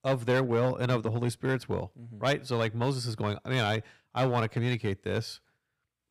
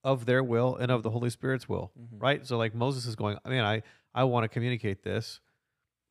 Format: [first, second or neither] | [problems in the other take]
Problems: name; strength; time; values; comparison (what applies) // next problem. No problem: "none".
second | distortion; slight; 4% of the sound clipped